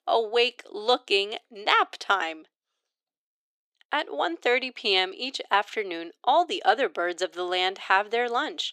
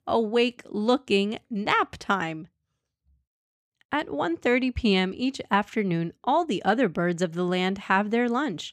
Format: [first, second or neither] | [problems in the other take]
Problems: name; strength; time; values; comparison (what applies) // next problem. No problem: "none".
second | thin; very; fading below 350 Hz